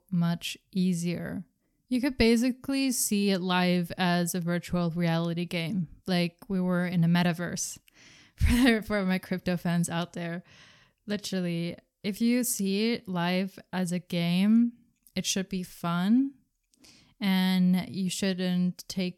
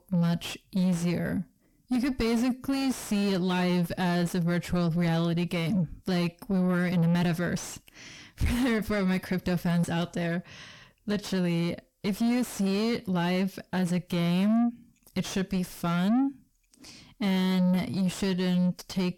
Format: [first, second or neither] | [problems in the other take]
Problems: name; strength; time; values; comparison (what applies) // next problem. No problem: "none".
first | distortion; heavy; 7 dB below the speech